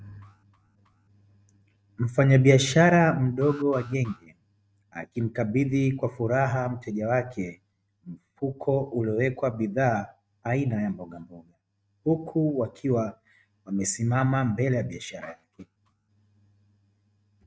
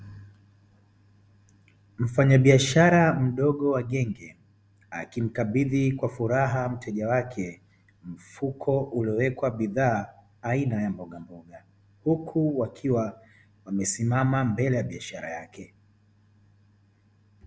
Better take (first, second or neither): second